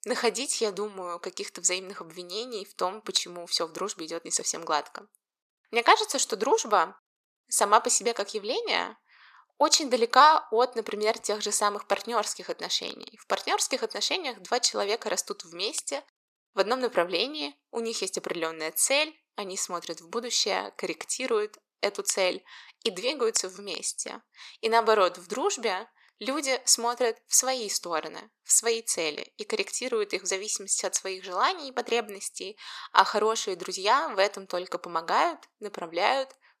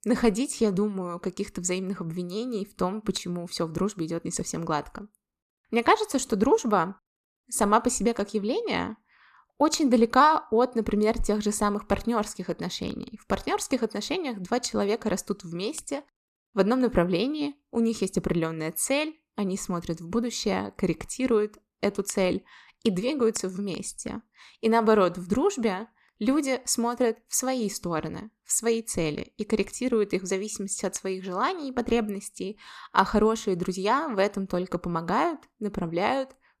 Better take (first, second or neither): second